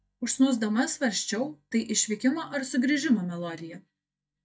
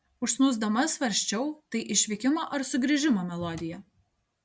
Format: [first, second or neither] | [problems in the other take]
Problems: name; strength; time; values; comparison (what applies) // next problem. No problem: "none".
second | noise reduction (neural mask model DeepFilterNet 3)